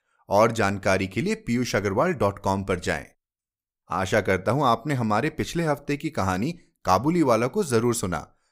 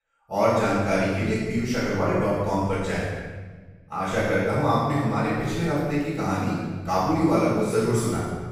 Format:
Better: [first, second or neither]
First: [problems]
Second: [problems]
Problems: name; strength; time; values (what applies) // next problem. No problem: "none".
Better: first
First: none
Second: off-mic speech; far // room echo; strong; dies away in 1.3 s